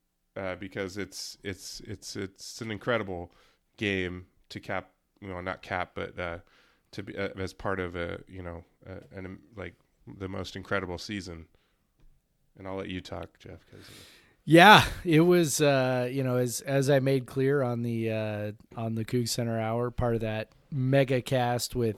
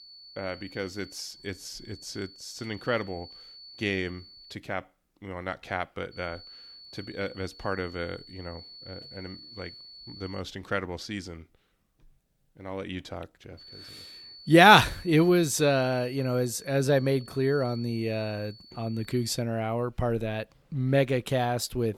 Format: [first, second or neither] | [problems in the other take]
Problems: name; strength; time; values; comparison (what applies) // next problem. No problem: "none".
first | high-pitched whine; noticeable; until 4.5 s, from 6 to 10 s and from 14 to 19 s; 4.5 kHz, 20 dB below the speech